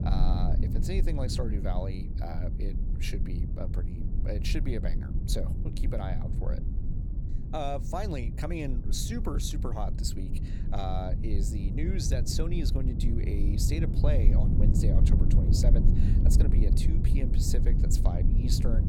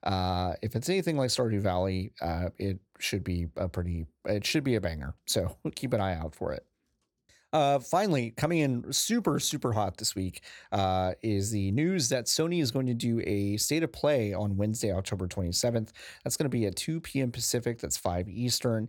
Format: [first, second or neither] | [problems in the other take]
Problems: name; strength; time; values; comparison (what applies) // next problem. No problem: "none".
second | low rumble; loud; throughout; 5 dB below the speech